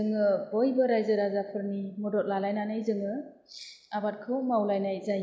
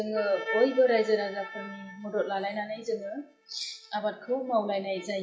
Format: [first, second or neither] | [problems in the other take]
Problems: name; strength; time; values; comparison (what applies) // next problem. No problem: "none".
first | noise reduction (classical method WPE with log-MMSE)